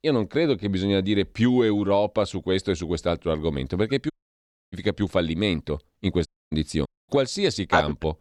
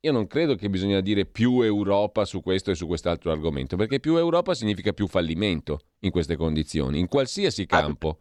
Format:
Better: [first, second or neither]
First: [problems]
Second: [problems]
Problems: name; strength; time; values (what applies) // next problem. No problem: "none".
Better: second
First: audio cutting out; at 4 s for 0.5 s, at 6.5 s and at 7 s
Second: none